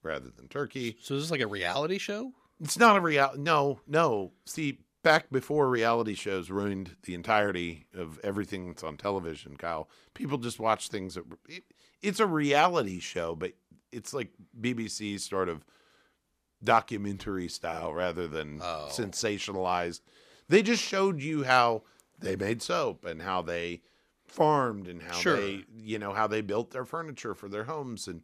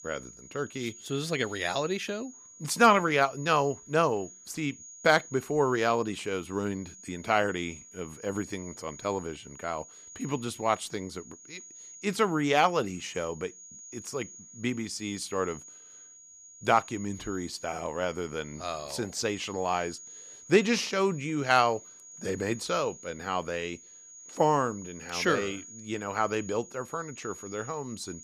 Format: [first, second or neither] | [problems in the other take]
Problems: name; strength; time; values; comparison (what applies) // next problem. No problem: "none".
first | high-pitched whine; noticeable; throughout; 6.5 kHz, 15 dB below the speech